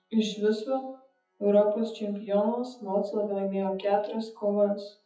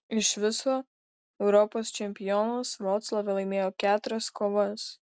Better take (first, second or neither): second